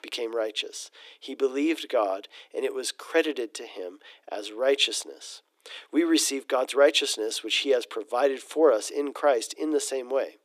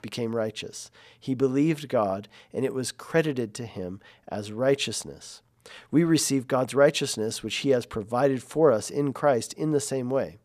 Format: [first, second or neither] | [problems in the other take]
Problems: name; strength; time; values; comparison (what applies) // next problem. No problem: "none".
second | thin; somewhat; fading below 300 Hz